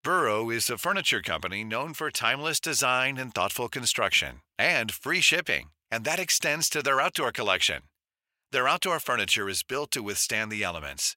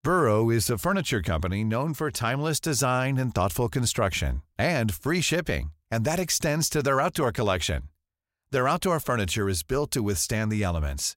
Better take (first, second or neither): second